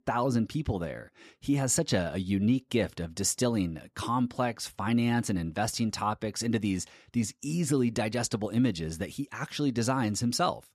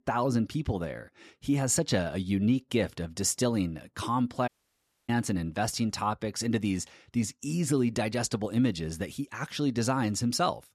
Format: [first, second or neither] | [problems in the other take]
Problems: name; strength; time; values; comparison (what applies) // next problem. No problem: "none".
first | audio cutting out; at 4.5 s for 0.5 s